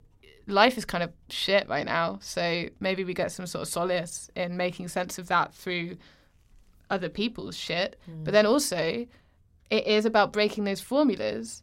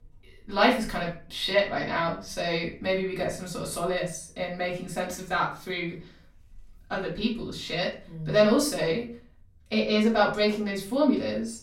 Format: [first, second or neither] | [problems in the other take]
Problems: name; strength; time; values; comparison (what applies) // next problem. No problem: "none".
first | off-mic speech; far // room echo; slight; dies away in 0.3 s